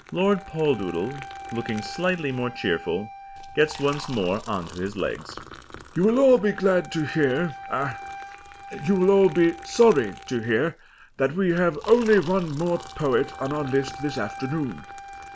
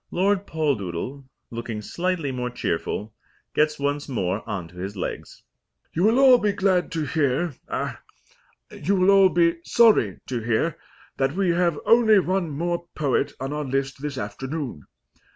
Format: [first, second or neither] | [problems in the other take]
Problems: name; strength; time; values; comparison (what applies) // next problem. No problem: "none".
second | background sound (Wind instrument, woodwind instrument + Liquid); 16 dB below the speech